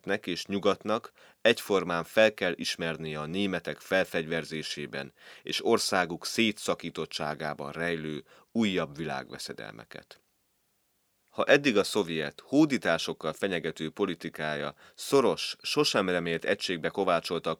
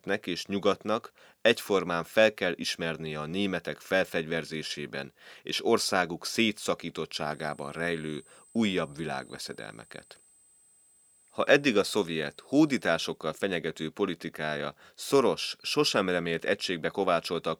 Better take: first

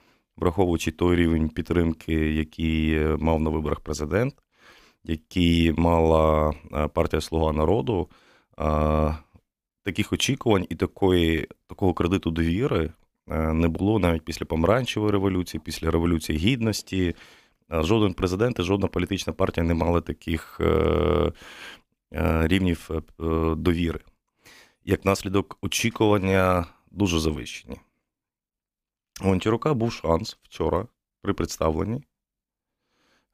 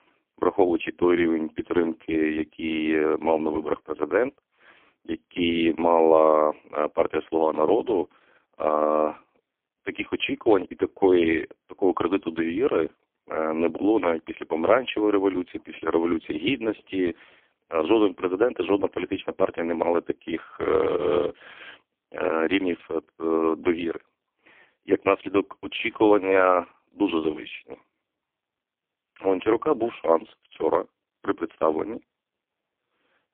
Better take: first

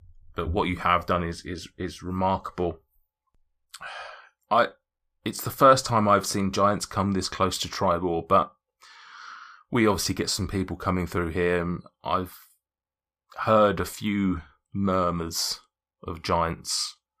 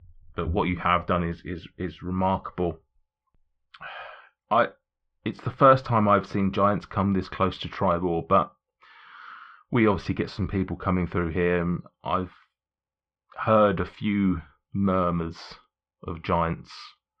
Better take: first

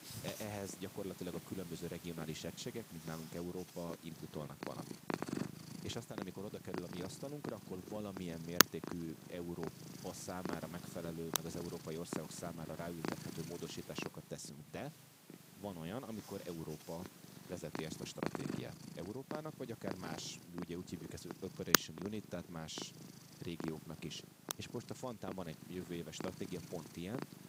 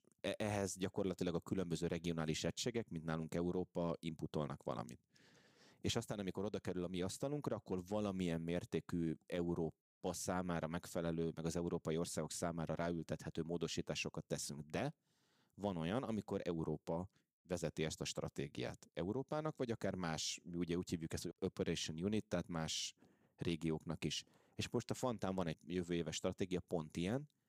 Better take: second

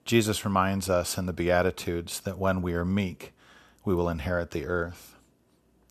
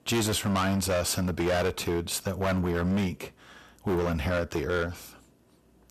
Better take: first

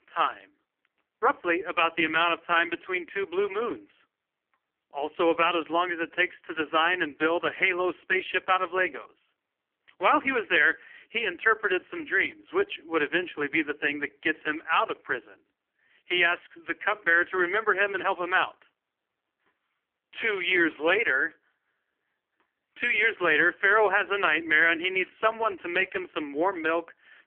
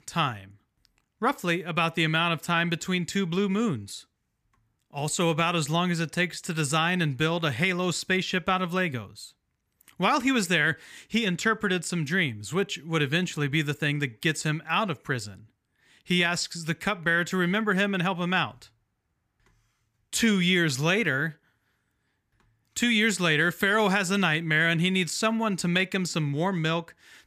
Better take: second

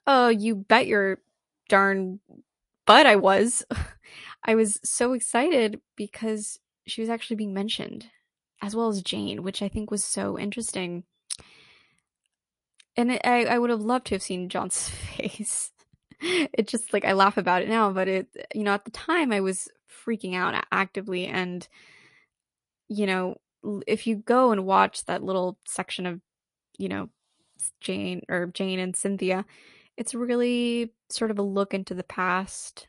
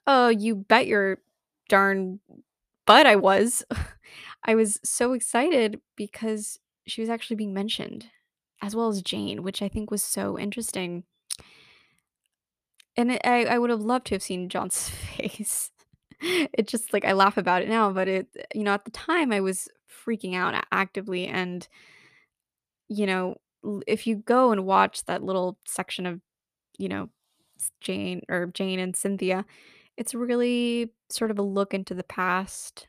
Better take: second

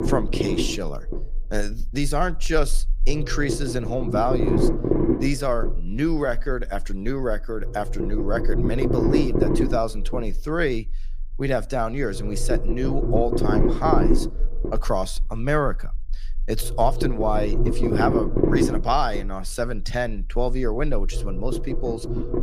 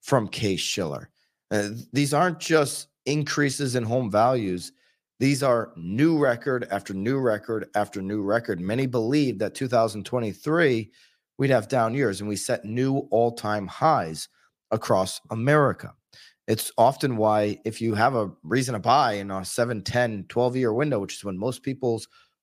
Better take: second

